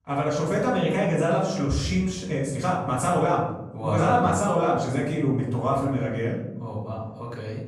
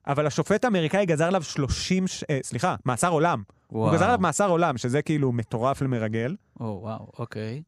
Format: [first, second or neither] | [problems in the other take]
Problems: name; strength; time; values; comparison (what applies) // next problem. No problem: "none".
second | off-mic speech; far // room echo; noticeable; dies away in 0.9 s